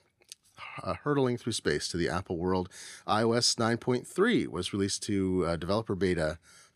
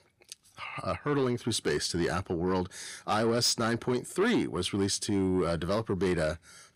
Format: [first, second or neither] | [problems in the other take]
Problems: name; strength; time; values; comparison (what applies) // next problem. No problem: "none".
first | distortion; slight; 10 dB below the speech